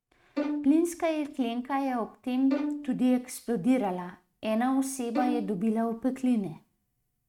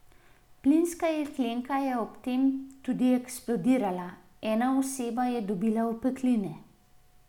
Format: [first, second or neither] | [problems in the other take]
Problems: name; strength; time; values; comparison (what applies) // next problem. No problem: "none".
second | noise reduction (neural mask model RNNoise)